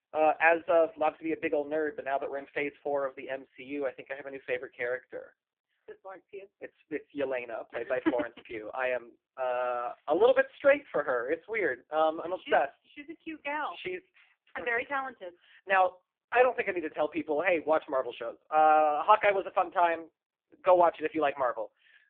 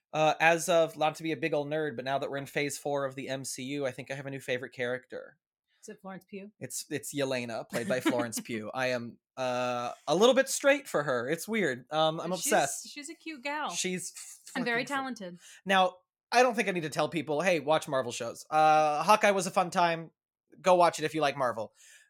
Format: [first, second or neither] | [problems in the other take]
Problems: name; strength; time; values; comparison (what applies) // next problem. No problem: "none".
second | phone-call audio; poor line